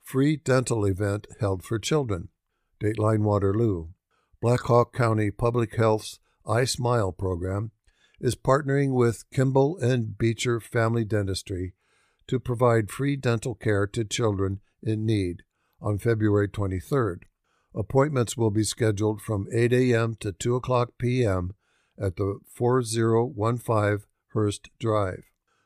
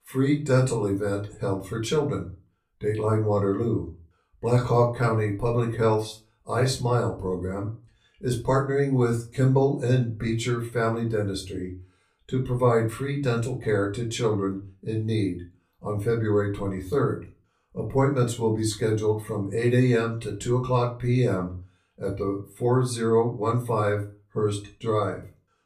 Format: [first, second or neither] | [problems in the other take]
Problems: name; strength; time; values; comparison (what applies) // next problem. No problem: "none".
first | off-mic speech; far // room echo; very slight; dies away in 0.3 s